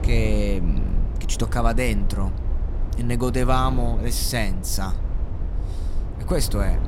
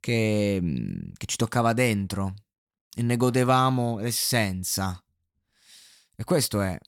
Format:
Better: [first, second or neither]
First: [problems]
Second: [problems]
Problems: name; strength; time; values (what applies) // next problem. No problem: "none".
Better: second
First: low rumble; noticeable; throughout; 15 dB below the speech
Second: none